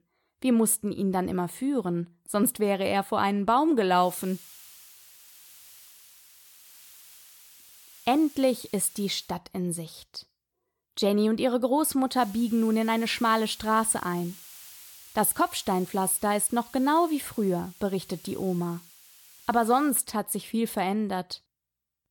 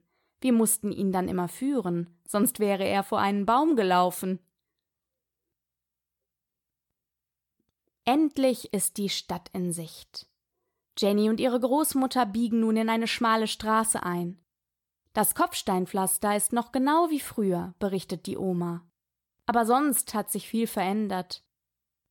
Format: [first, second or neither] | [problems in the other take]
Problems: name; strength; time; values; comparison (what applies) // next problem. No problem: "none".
second | hiss; faint; from 4 to 9.5 s and from 12 to 20 s; 20 dB below the speech